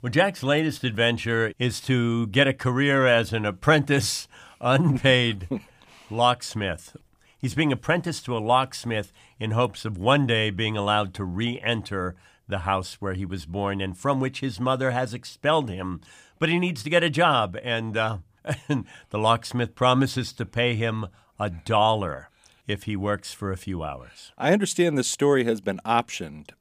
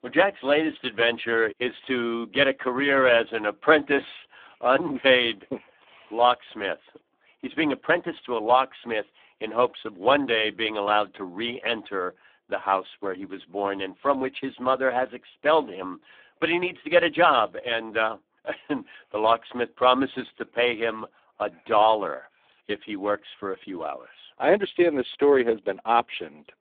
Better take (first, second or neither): first